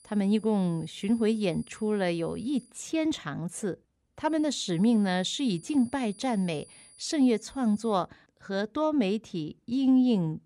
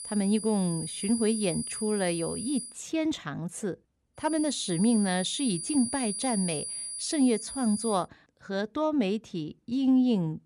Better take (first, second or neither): first